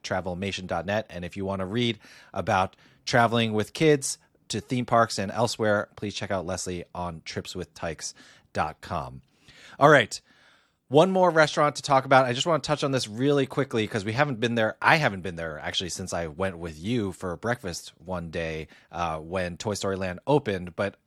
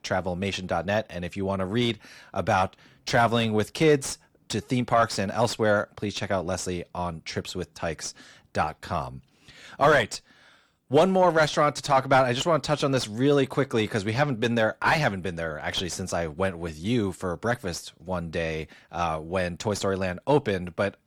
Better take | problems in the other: first | distortion; slight; 10 dB below the speech

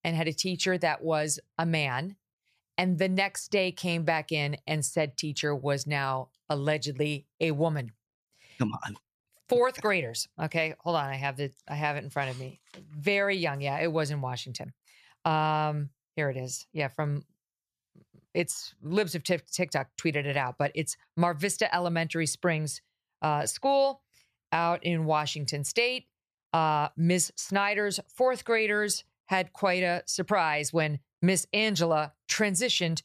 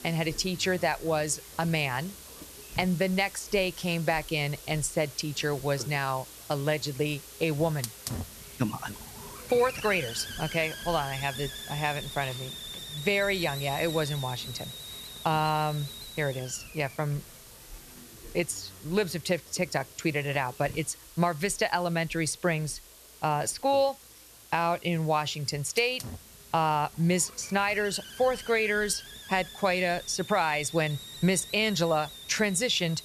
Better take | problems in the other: first | hiss; noticeable; throughout; 15 dB below the speech

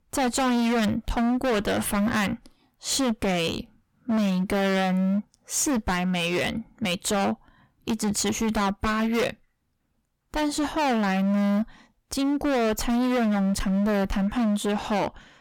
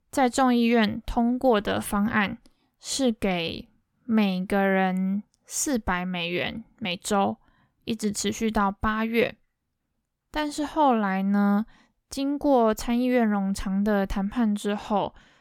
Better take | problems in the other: second | distortion; heavy; 27% of the sound clipped

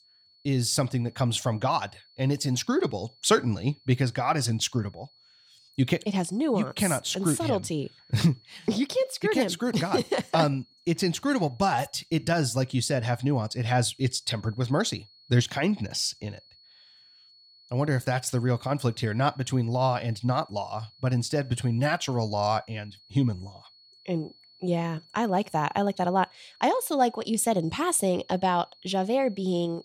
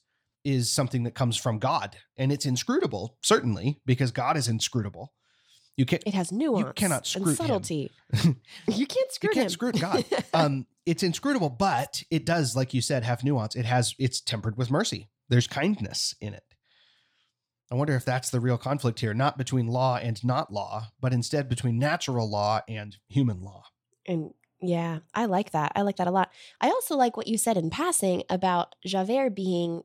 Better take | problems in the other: second | high-pitched whine; faint; throughout; 4.5 kHz, 30 dB below the speech

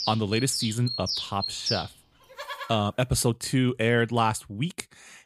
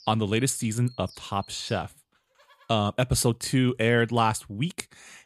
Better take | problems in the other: second | animal sounds; loud; until 2.5 s; 5 dB below the speech; faint in the second

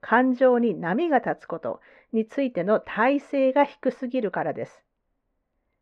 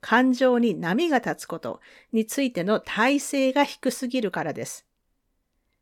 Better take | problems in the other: second | muffled; very; fading above 2 kHz

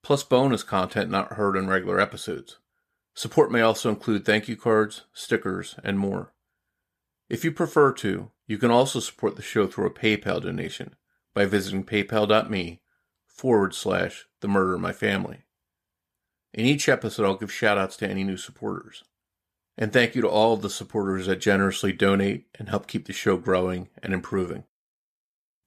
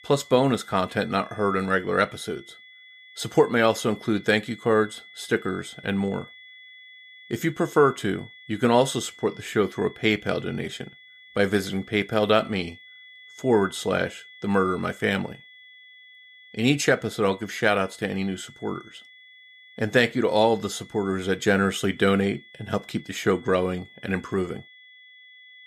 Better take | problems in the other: first | high-pitched whine; faint; throughout; 2 kHz, 20 dB below the speech

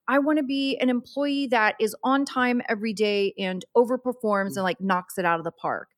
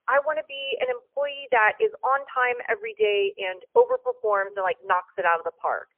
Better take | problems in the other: first | phone-call audio; poor line; nothing above 3 kHz

